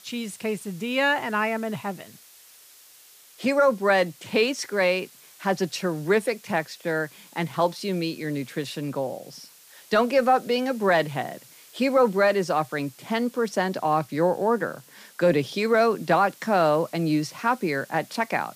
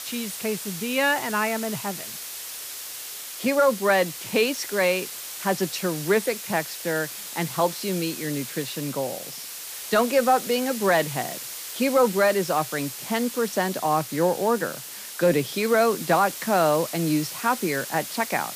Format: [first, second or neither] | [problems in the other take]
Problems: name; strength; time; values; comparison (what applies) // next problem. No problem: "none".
first | hiss; loud; throughout; 9 dB below the speech; faint in the first